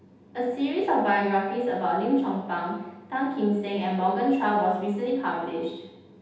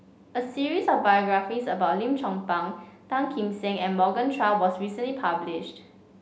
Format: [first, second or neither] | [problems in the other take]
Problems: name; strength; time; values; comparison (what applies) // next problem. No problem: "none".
second | room echo; dies away in 0.8 s